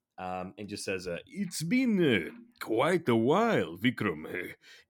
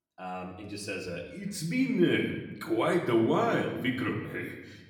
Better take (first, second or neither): first